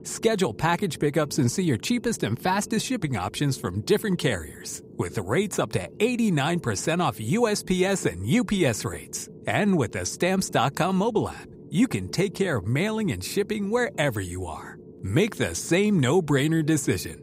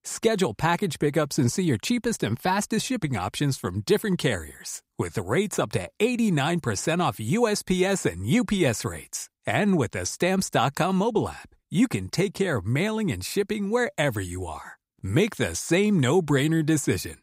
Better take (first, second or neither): second